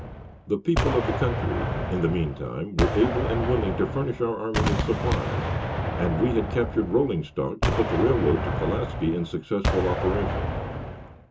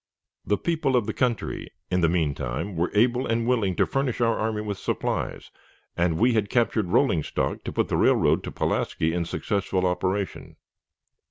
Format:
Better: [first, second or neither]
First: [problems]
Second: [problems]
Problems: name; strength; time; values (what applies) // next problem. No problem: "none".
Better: second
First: background sound (Gunshot, gunfire); 2 dB below the speech // room echo; dies away in 0.2 s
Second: none